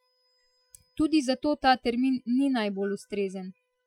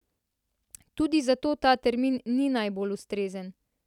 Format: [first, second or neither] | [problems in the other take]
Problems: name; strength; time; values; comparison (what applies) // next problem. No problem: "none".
second | noise reduction (classical method Wiener filter)